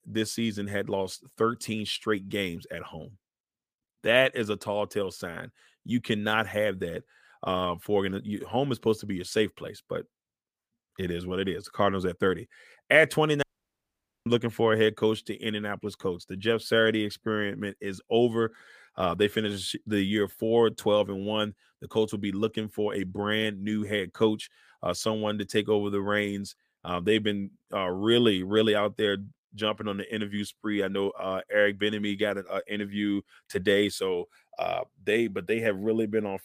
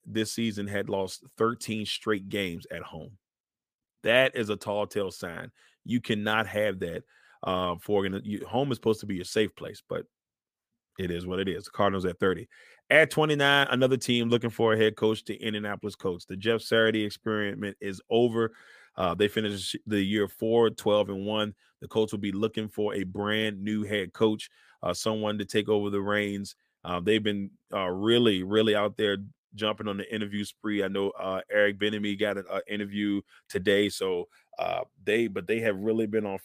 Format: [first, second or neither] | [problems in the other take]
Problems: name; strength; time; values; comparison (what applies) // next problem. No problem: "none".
second | audio cutting out; at 13 s for 1 s